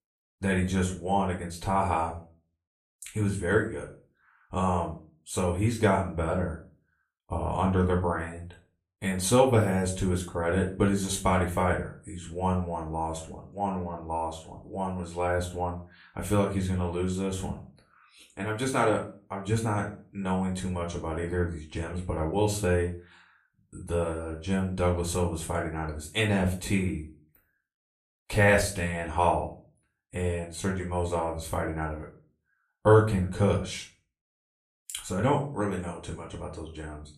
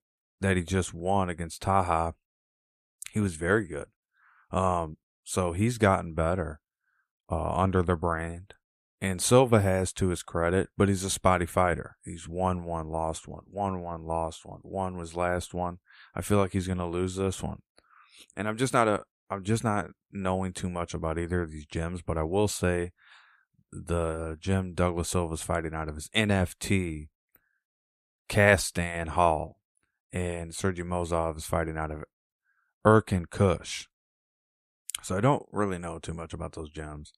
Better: second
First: room echo; slight; dies away in 0.3 s // off-mic speech; far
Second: none

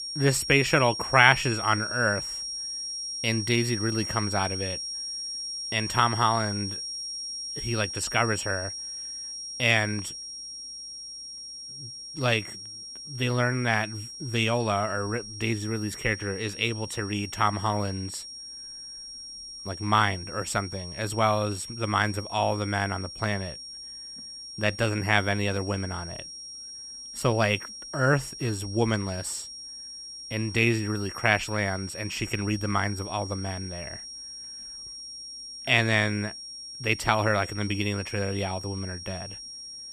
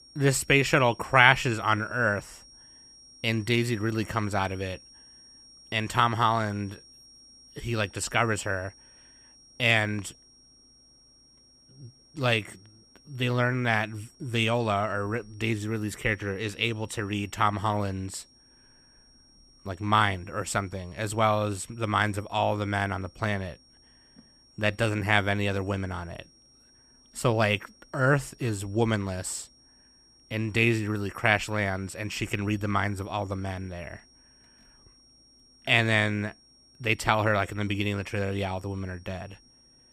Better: second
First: high-pitched whine; loud; throughout; 5.5 kHz, 9 dB below the speech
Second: high-pitched whine; faint; throughout; 5.5 kHz, 25 dB below the speech

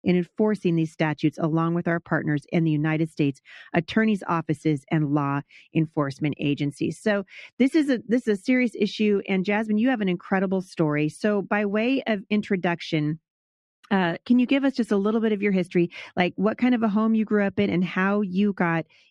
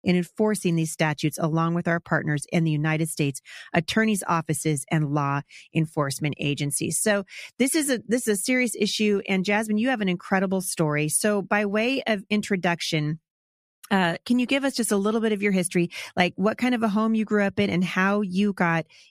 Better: second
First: muffled; slightly; fading above 3.5 kHz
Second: none

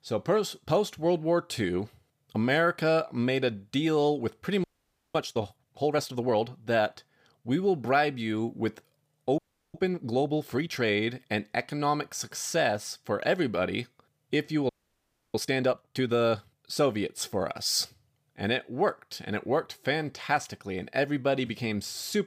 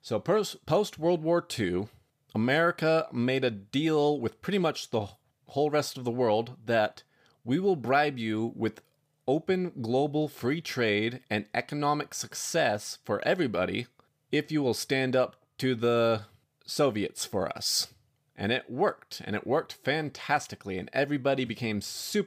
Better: second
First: audio freezing; at 4.5 s for 0.5 s, at 9.5 s and at 15 s for 0.5 s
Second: none

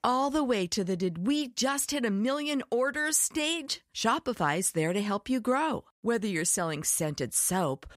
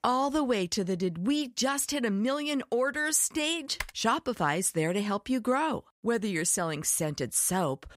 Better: first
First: none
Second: keyboard typing; faint; at 4 s; peak 10 dB below the speech

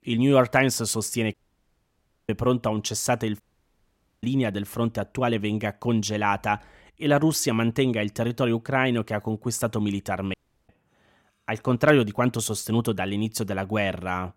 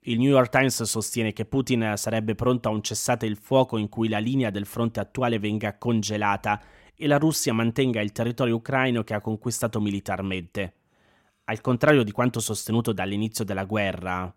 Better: second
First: audio cutting out; at 1.5 s for 1 s, at 3.5 s for 1 s and at 10 s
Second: none

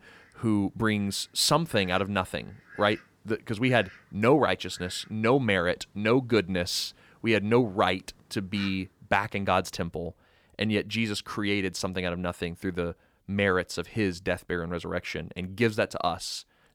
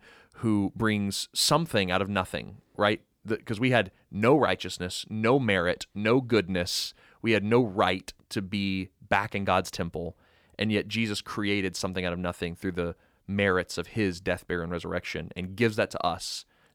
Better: second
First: animal sounds; faint; throughout; 25 dB below the speech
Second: none

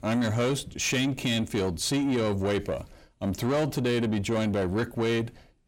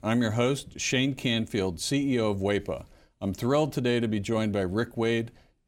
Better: second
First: distortion; slight; 10 dB below the speech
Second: none

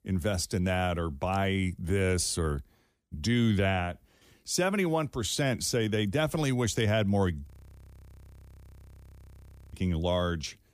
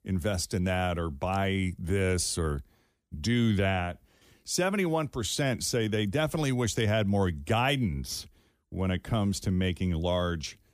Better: second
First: audio freezing; at 7.5 s for 2.5 s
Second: none

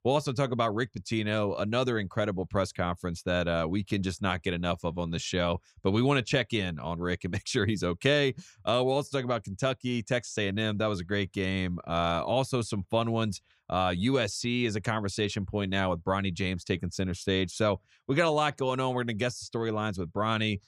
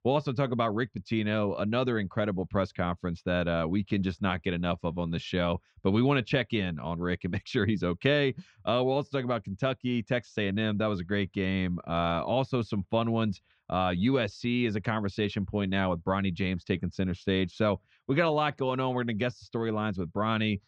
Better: first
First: none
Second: muffled; slightly; fading above 4 kHz

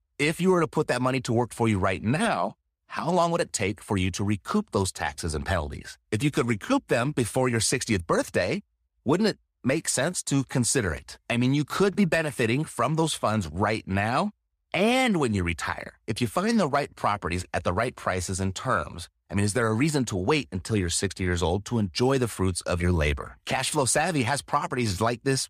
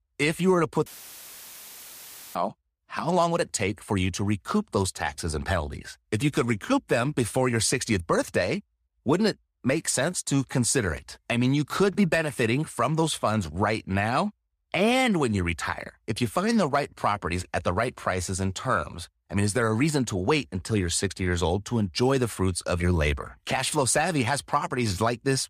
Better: first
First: none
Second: audio cutting out; filled with static; at 1 s for 1.5 s

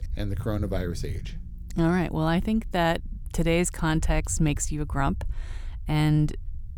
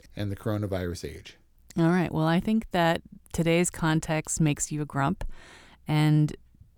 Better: second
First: low rumble; faint; throughout; 25 dB below the speech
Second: none

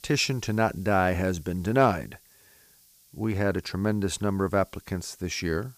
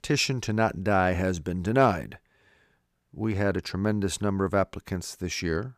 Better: second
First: hiss; faint; throughout; 25 dB below the speech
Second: none

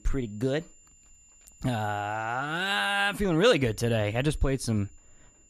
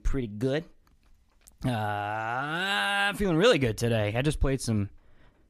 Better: second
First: high-pitched whine; faint; throughout; 7 kHz, 30 dB below the speech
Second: none

